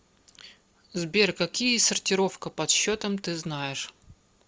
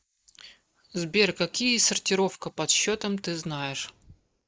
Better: first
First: none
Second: noise reduction (neural mask model Resemble Enhance denoiser)

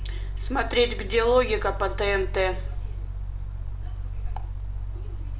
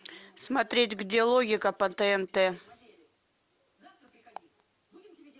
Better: second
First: background sound (Mechanical fan); 2 dB below the speech // room echo; dies away in 0.4 s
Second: none

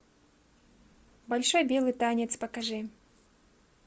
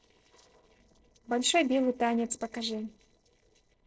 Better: first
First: none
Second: noise reduction (neural separator model SepFormer DNS4)

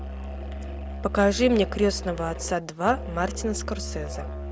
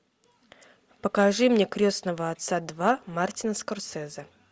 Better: second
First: background sound (Musical instrument); 7 dB below the speech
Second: none

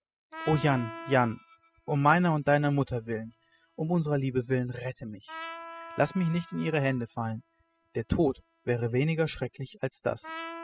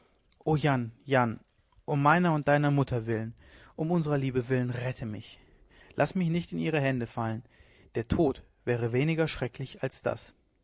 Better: second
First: noise reduction (classical method spectral subtraction)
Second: none

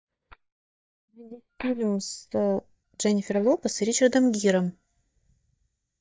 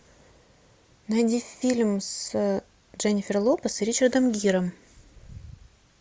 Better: second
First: noise reduction (neural mask model DeepFilterNet 3)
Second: none

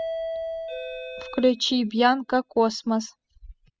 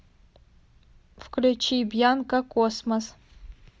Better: second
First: noise reduction (classical method spectral subtraction)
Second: none

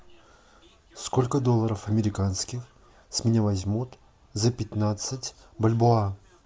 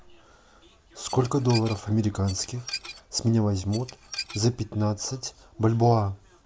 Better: first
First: none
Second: background sound (Dishes, pots, and pans / Glass); 13 dB below the speech

